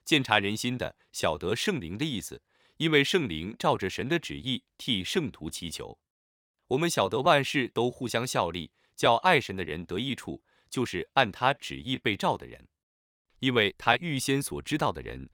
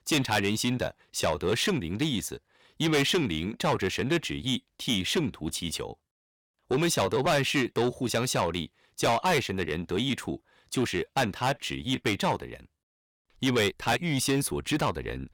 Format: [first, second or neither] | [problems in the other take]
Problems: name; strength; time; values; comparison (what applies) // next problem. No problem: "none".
first | distortion; heavy; 6 dB below the speech